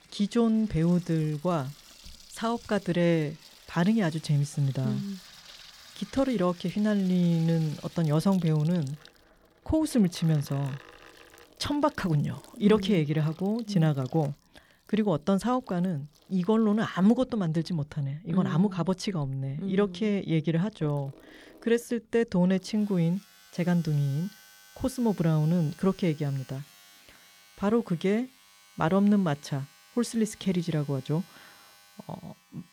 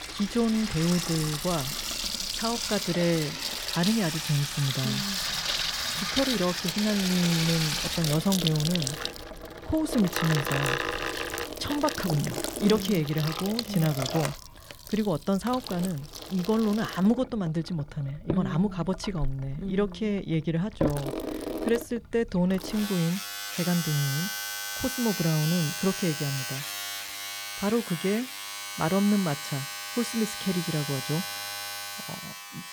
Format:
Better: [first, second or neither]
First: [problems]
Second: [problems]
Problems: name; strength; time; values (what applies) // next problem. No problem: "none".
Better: first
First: household noises; faint; throughout; 25 dB below the speech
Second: household noises; loud; throughout; 3 dB below the speech